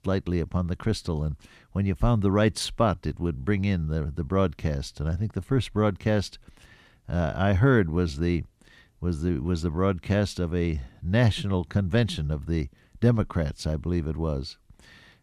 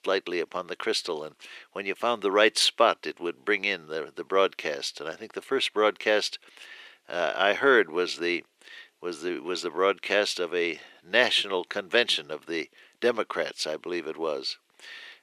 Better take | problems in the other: first | thin; very; fading below 400 Hz

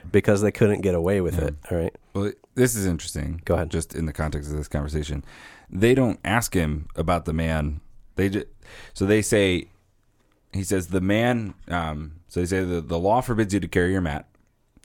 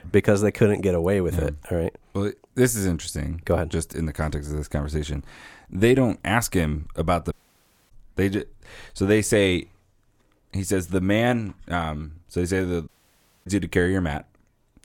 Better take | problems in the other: first | audio cutting out; at 7.5 s for 0.5 s and at 13 s for 0.5 s

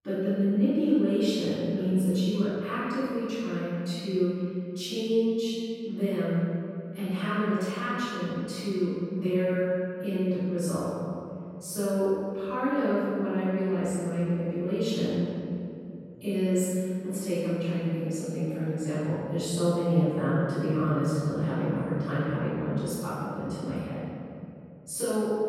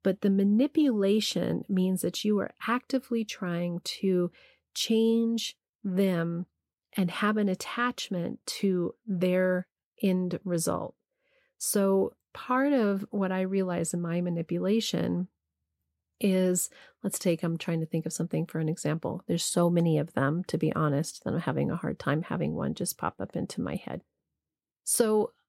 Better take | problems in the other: second | room echo; strong; dies away in 2.7 s // off-mic speech; far

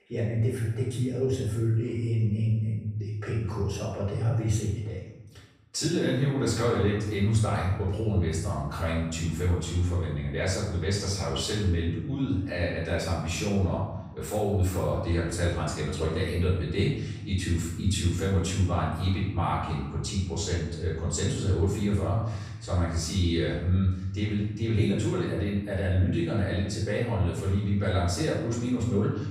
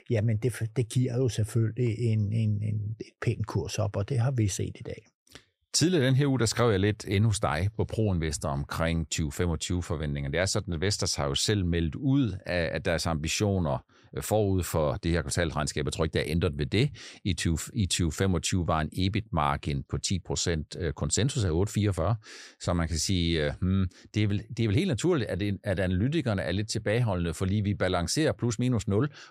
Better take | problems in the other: second | off-mic speech; far // room echo; noticeable; dies away in 0.9 s

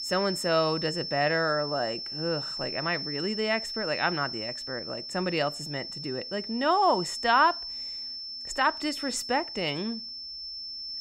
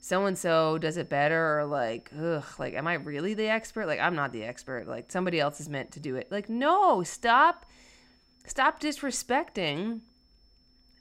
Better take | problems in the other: second | high-pitched whine; loud; throughout; 5.5 kHz, 5 dB below the speech; faint in the second

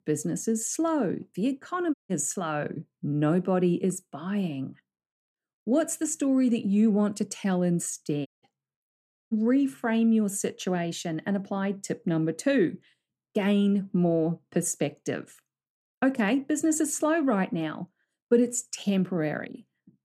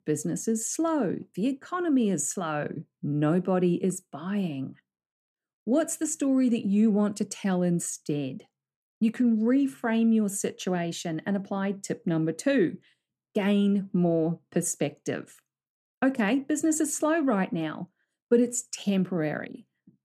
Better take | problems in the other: second | audio cutting out; at 2 s, at 8.5 s and at 9 s

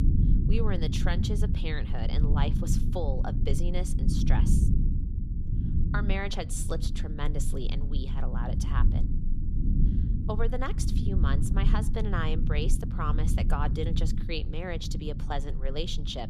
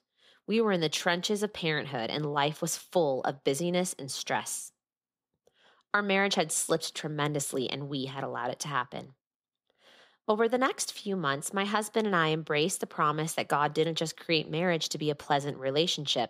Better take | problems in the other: second | low rumble; loud; throughout; 6 dB below the speech

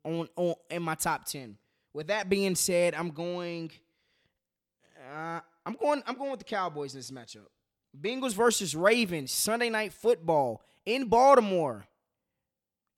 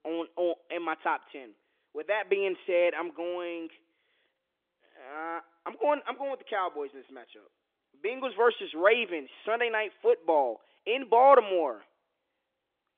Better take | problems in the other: first | phone-call audio; nothing above 3.5 kHz

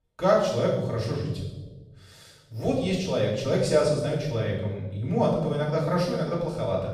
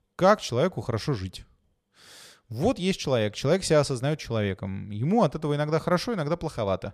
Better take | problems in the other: second | off-mic speech; far // room echo; noticeable; dies away in 1 s

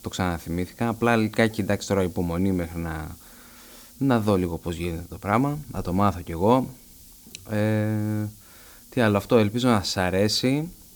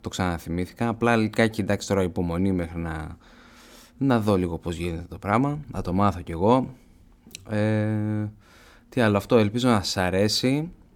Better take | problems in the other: second | hiss; faint; throughout; 25 dB below the speech

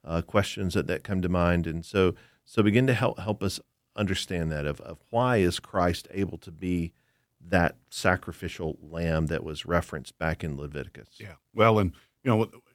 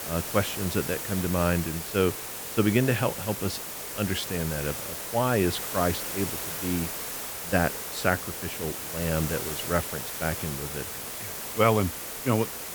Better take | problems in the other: first | hiss; loud; throughout; 4 dB below the speech

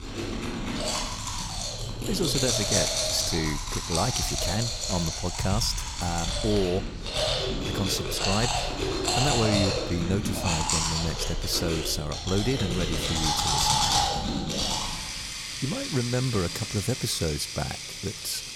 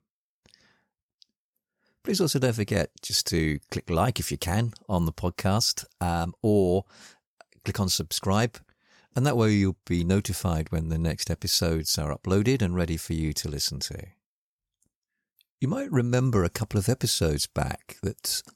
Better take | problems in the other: second | household noises; very loud; throughout; 2 dB above the speech

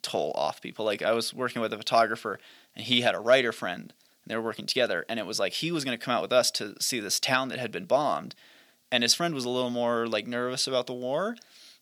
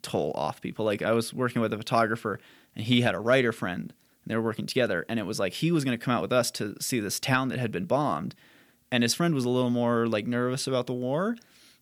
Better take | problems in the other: second | thin; somewhat; fading below 350 Hz

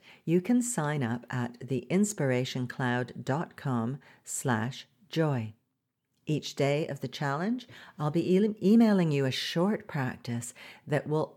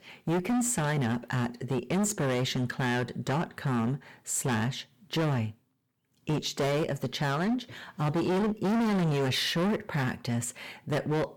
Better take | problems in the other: first | distortion; heavy; 20% of the sound clipped

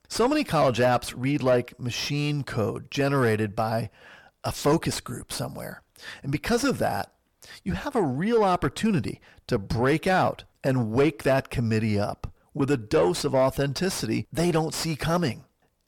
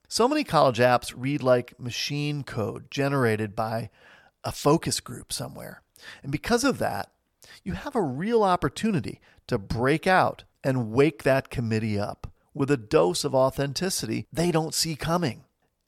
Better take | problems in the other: second | distortion; slight; 10 dB below the speech

